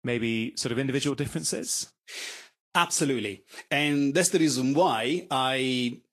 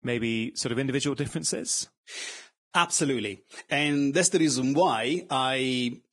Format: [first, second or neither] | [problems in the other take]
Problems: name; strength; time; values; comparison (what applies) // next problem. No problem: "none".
first | garbled, watery; badly; nothing above 10 kHz; slightly in the first